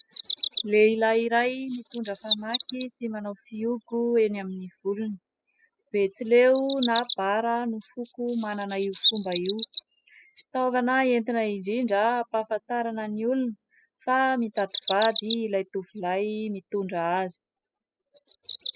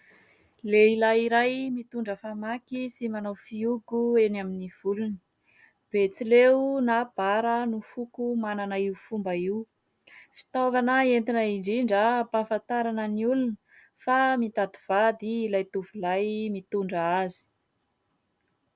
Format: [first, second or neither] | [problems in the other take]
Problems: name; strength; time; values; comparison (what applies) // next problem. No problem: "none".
second | noise reduction (classical method spectral subtraction)